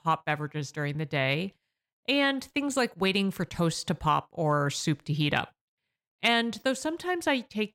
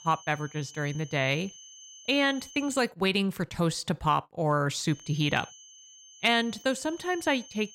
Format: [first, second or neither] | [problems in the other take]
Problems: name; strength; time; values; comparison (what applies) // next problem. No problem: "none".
first | high-pitched whine; noticeable; until 3 s and from 5 s on; 6.5 kHz, 20 dB below the speech